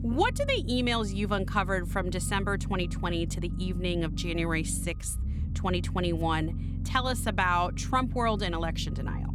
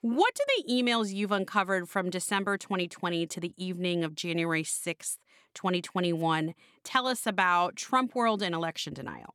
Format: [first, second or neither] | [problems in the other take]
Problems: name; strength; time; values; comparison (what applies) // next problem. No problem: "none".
second | low rumble; noticeable; throughout; 15 dB below the speech